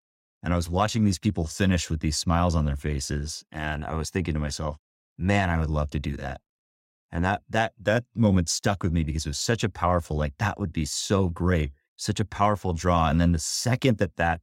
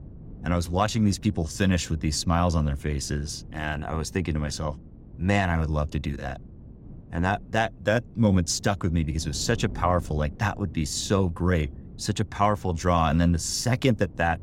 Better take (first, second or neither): first